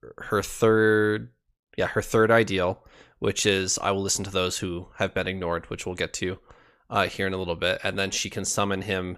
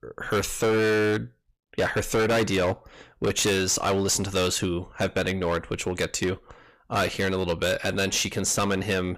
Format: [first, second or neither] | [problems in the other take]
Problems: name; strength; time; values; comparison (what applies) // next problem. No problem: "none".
first | distortion; heavy; 14% of the sound clipped